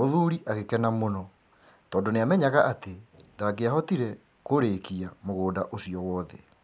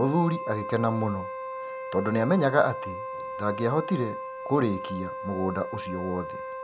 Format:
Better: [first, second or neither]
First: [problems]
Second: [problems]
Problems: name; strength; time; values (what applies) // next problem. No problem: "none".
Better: first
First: none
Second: background sound (Wind instrument, woodwind instrument); 8 dB below the speech